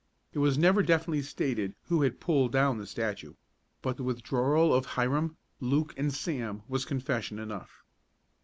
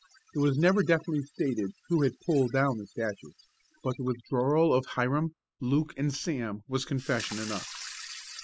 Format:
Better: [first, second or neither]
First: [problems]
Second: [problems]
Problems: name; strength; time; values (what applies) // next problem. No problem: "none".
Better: first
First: none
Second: noise reduction (classical method spectral subtraction)